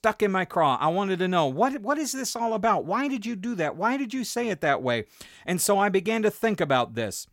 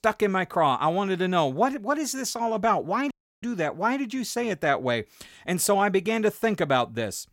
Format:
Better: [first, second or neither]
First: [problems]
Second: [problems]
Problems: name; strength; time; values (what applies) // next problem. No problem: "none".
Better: first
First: none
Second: audio cutting out; at 3 s